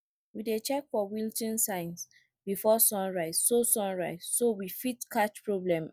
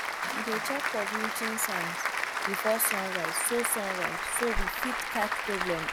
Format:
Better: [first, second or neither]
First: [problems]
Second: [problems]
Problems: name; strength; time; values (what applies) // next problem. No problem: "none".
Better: first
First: none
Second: background sound (Applause); 2 dB above the speech